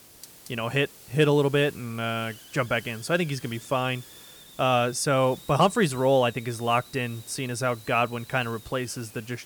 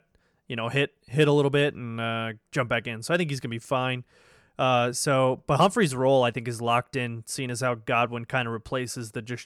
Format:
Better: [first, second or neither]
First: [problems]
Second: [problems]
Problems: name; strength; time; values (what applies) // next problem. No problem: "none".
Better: second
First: hiss; noticeable; throughout; 20 dB below the speech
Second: none